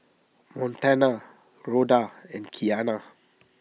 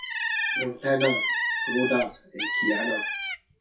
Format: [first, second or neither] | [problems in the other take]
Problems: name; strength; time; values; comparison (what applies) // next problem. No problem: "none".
first | noise reduction (classical method WPE with log-MMSE)